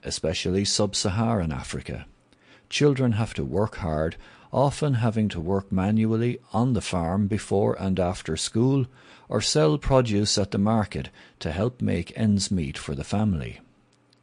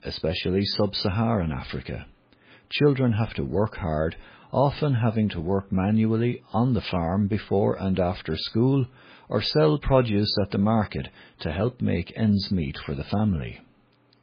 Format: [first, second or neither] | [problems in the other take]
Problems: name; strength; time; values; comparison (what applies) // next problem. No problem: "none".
first | garbled, watery; badly; slightly in the first